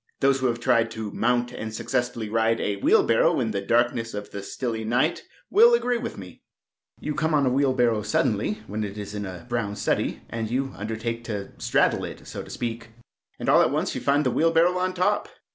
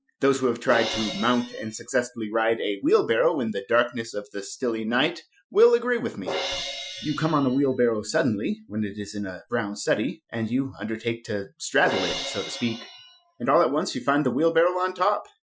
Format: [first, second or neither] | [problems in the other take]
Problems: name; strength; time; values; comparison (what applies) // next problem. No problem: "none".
first | noise reduction (classical method Wiener filter)